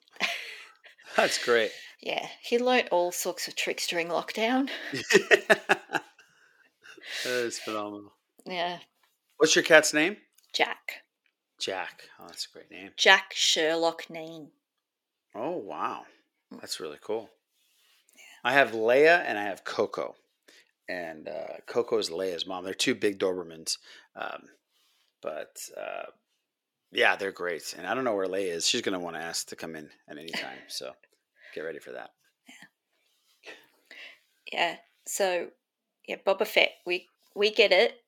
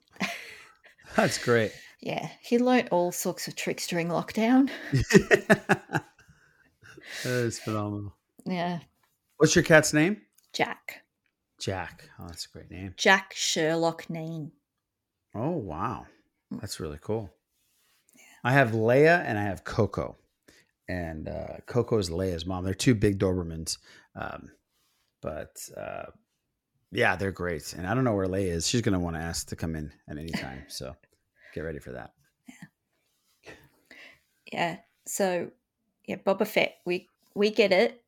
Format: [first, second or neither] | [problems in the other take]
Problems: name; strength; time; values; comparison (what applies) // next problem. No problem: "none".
second | thin; somewhat; fading below 400 Hz